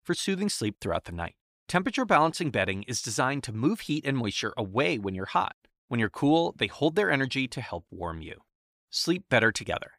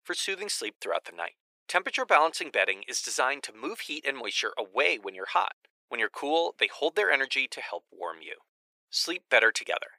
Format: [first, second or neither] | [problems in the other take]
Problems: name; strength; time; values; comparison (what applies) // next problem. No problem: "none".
first | thin; very; fading below 450 Hz